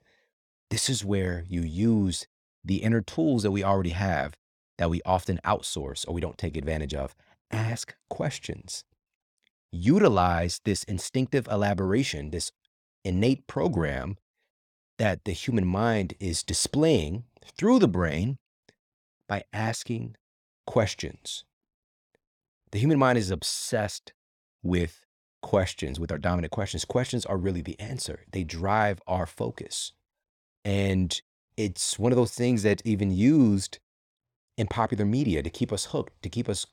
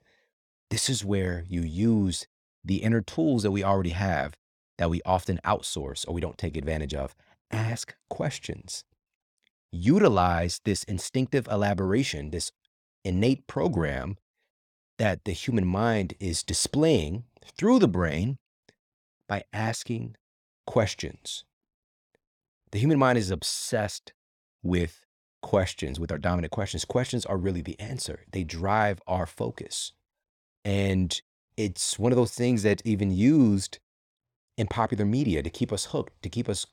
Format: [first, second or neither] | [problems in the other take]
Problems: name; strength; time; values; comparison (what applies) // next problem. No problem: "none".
neither | none